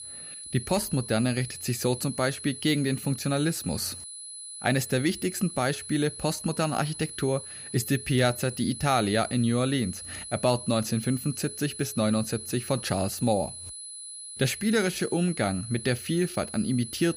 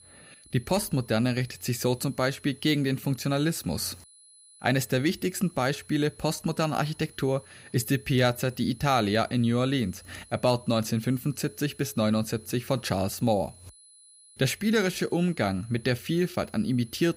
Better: second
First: high-pitched whine; loud; throughout; 10 kHz, 10 dB below the speech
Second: high-pitched whine; faint; throughout; 10 kHz, 25 dB below the speech

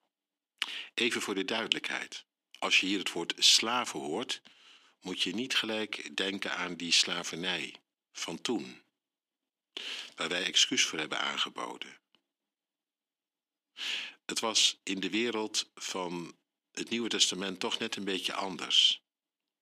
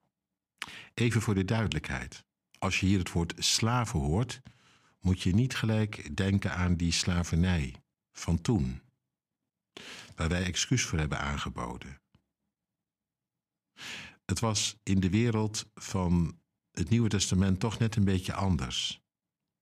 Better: second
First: thin; somewhat; fading below 300 Hz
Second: none

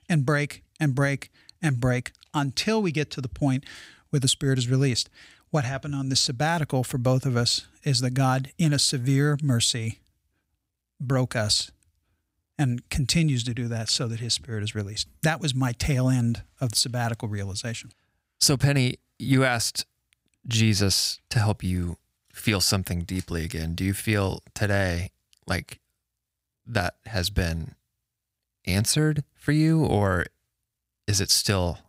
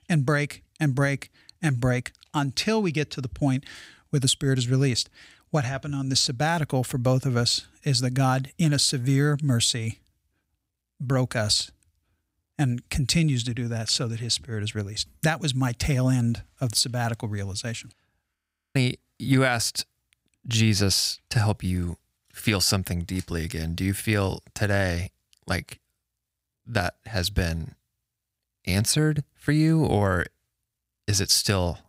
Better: first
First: none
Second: audio freezing; at 18 s

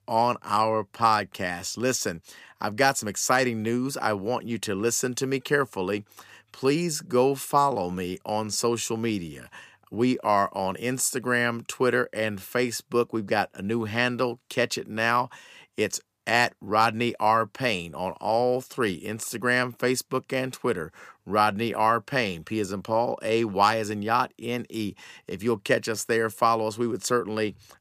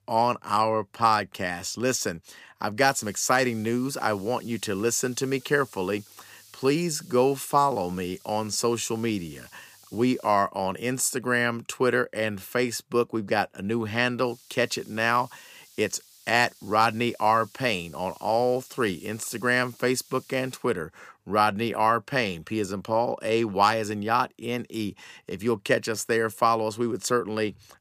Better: first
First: none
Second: hiss; faint; from 3 to 10 s and from 14 to 21 s; 25 dB below the speech

